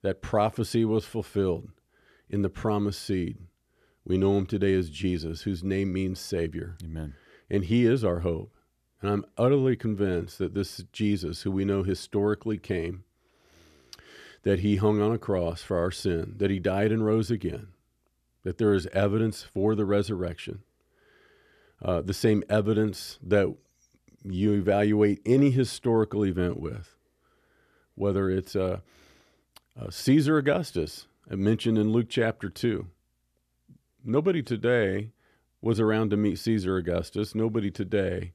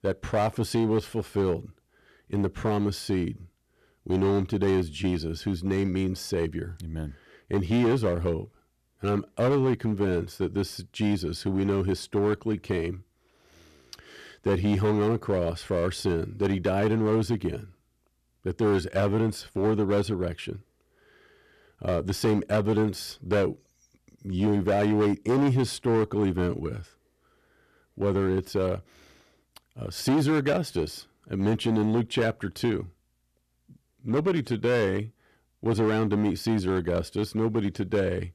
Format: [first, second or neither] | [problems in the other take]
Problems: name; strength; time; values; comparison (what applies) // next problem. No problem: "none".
first | distortion; slight; 7% of the sound clipped